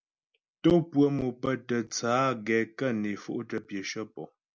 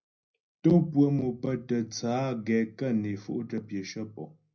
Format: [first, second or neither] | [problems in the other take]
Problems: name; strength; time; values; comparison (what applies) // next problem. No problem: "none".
first | room echo; dies away in 0.5 s